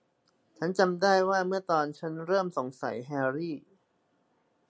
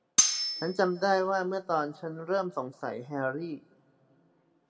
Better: first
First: none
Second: background sound (Cutlery, silverware); 3 dB above the speech // room echo; dies away in 1.9 s

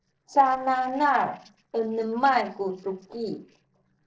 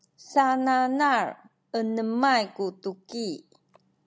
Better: second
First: noise reduction (neural separator model SepFormer DNS4)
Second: none

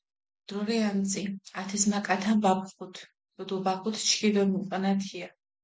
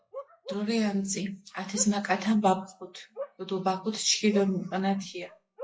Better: first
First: none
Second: noise reduction (classical method WPE with log-MMSE)

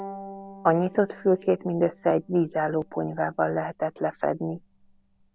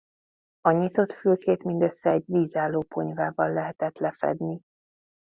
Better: second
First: background sound (Bowed string instrument); 20 dB below the speech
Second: none

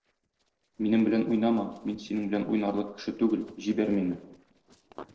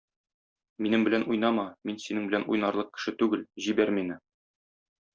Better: second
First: noise reduction (neural separator model SepFormer DNS4)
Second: none

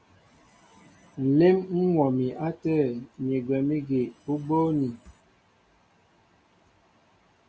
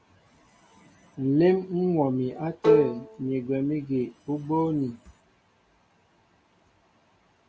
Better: first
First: none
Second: background sound (Bowed string instrument); 3 dB above the speech

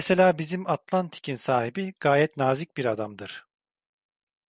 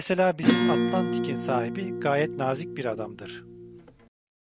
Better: first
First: none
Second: background sound (Acoustic guitar / Strum); 1 dB above the speech

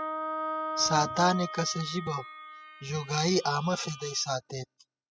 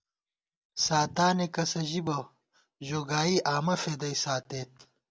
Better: second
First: noise reduction (classical method spectral subtraction)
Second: none

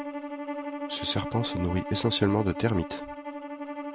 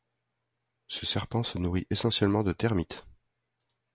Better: second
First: background sound (Bowed string instrument); 6 dB below the speech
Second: none

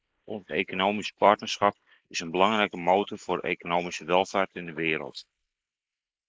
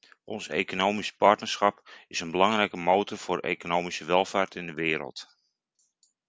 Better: second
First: noise reduction (neural mask model Resemble Enhance denoiser)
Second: none

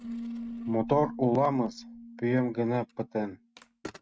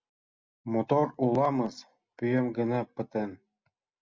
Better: second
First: noise reduction (neural mask model RNNoise)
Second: none

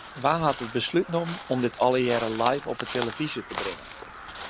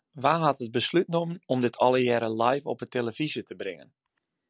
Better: second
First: background sound (Crow); 11 dB below the speech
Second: none

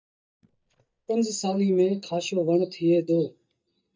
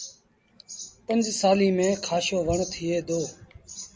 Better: second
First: noise reduction (neural mask model DeepFilterNet 3)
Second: none

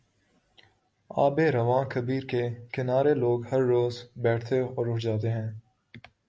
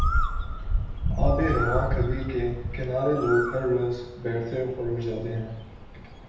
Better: first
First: none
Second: background sound (Bird); as loud as the speech // room echo; dies away in 0.8 s

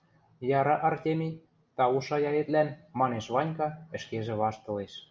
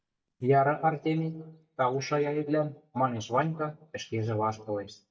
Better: first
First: none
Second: noise reduction (neural mask model DeepFilterNet 3)

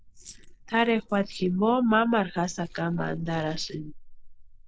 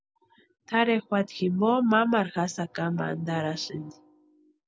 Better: second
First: noise reduction (neural mask model Resemble Enhance denoiser)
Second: none

